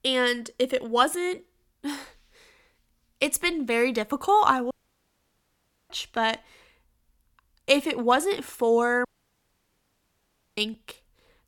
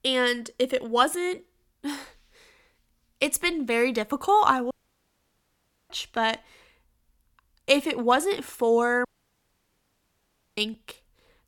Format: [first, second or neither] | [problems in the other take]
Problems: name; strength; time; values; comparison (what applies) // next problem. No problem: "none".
neither | audio cutting out; at 4.5 s for 1 s and at 9 s for 1.5 s; the same in both